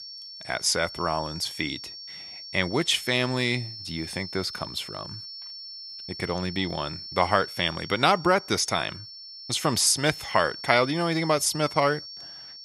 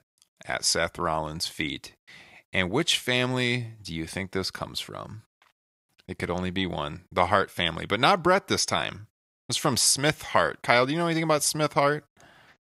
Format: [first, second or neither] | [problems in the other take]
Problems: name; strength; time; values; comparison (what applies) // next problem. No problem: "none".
second | high-pitched whine; noticeable; throughout; 5.5 kHz, 10 dB below the speech